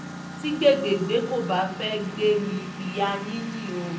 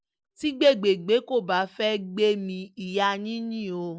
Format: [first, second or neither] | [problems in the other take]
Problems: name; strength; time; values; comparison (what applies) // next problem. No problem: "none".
second | background sound (Engine); 10 dB below the speech // room echo; dies away in 0.6 s